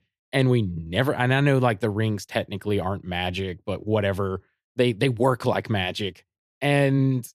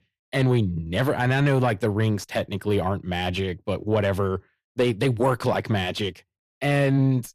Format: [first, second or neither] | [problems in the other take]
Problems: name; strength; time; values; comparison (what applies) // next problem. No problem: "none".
first | distortion; slight; 10 dB below the speech